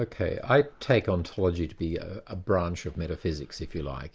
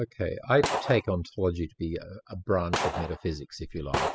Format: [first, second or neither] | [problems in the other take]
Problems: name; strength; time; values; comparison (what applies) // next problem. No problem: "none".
first | noise reduction (classical method spectral subtraction)